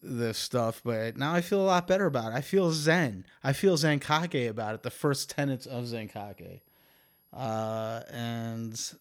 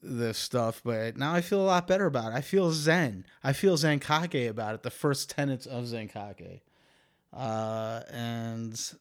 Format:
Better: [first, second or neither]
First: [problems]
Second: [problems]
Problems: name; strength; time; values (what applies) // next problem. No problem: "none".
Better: second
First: high-pitched whine; faint; until 2.5 s and from 5 s on; 11.5 kHz, 35 dB below the speech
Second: none